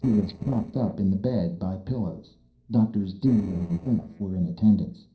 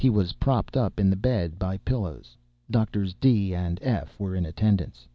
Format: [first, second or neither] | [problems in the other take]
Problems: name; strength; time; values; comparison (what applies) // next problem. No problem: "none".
second | noise reduction (neural separator model SepFormer DNS4)